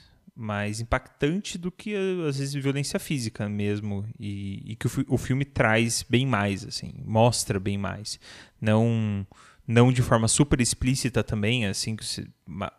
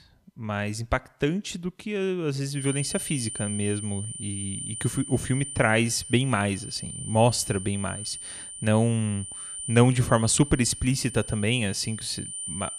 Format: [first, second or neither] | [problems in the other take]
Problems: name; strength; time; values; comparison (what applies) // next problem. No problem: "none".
first | high-pitched whine; loud; from 2.5 s on; 9 kHz, 9 dB below the speech